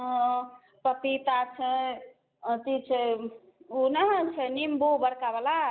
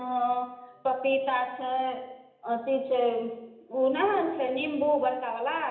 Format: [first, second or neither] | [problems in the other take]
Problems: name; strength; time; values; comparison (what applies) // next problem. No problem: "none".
first | room echo; dies away in 0.8 s